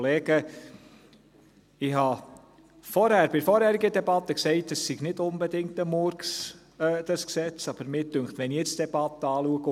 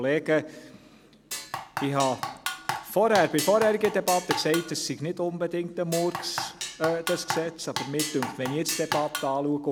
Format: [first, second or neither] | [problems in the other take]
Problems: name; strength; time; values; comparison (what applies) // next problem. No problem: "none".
first | background sound (Drum kit); 7 dB below the speech